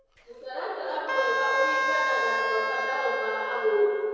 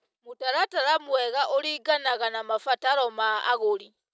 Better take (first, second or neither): second